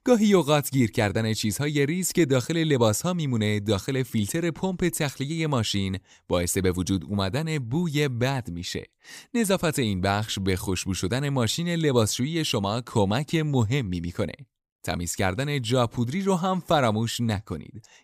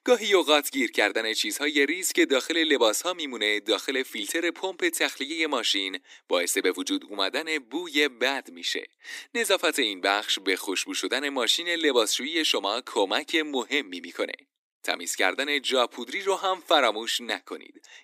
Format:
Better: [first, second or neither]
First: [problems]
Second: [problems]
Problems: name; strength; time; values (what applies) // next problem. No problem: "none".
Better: first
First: none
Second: thin; somewhat; fading below 300 Hz